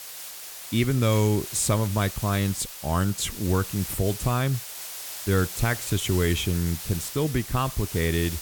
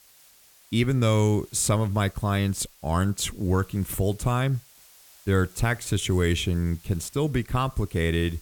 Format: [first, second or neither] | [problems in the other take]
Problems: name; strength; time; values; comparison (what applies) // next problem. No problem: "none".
second | hiss; loud; throughout; 9 dB below the speech; faint in the second